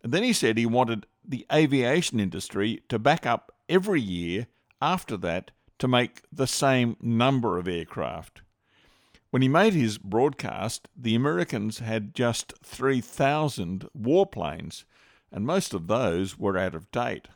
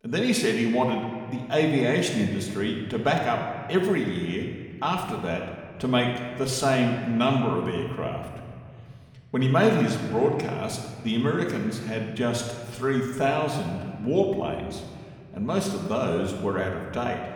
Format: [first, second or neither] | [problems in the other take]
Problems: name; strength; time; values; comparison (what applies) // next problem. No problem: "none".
first | room echo; noticeable; dies away in 1.8 s // off-mic speech; somewhat distant